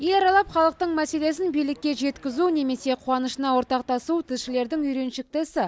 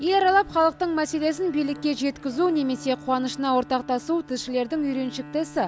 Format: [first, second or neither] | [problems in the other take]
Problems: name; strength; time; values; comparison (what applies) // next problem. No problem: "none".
first | background sound (Bowed string instrument); 19 dB below the speech